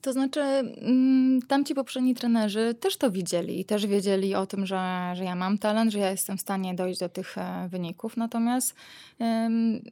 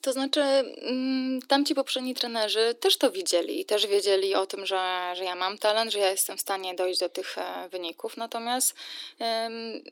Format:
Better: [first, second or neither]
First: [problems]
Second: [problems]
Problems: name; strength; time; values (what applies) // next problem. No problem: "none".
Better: first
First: none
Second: thin; somewhat; fading below 300 Hz